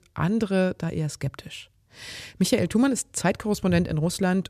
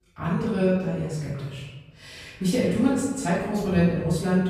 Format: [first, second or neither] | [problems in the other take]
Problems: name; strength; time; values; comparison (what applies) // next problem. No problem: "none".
first | room echo; strong; dies away in 1.2 s // off-mic speech; far